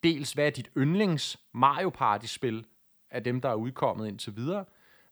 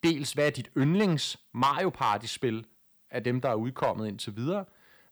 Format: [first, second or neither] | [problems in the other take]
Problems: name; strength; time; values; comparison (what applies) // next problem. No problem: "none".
first | distortion; slight; 2% of the sound clipped